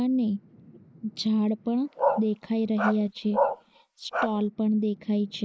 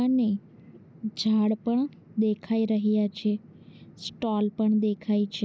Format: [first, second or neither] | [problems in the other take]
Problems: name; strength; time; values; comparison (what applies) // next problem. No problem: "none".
second | noise reduction (neural mask model Resemble Enhance denoiser)